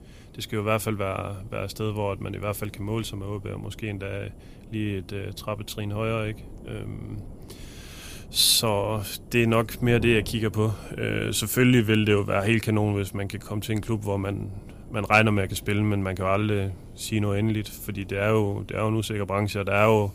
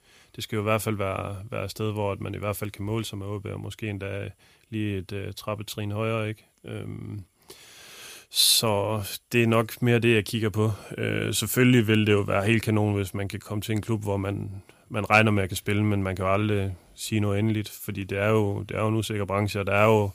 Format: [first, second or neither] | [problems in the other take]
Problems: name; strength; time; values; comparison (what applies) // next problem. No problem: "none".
second | wind noise on the microphone; occasional gusts; 25 dB below the speech